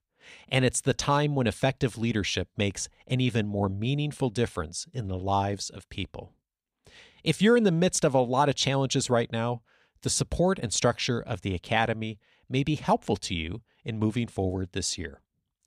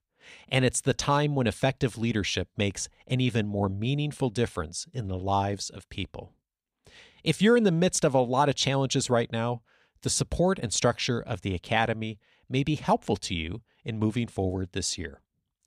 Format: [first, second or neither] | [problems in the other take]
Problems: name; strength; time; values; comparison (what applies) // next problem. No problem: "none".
neither | none